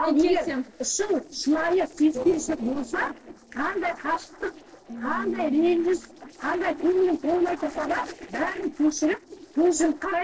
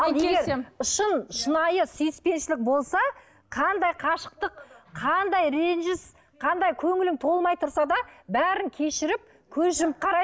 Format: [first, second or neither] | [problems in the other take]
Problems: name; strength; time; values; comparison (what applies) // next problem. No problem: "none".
second | noise reduction (neural separator model SepFormer DNS4)